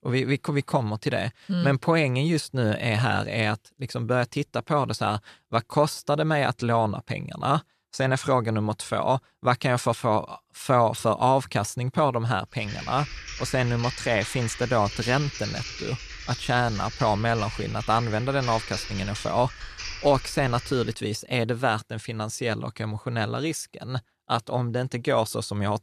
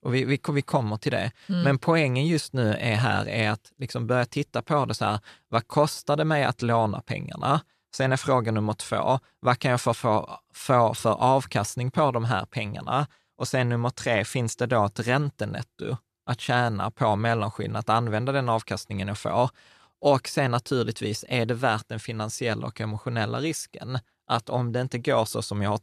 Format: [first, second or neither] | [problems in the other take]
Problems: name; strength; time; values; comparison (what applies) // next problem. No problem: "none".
second | keyboard typing; noticeable; from 13 to 21 s; peak 7 dB below the speech